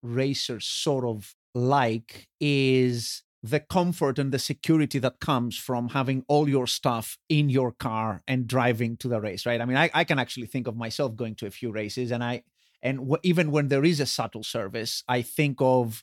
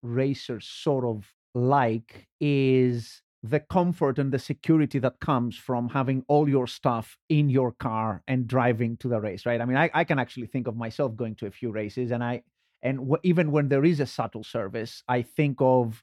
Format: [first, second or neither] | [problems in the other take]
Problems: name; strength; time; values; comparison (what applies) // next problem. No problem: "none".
first | muffled; slightly; fading above 3 kHz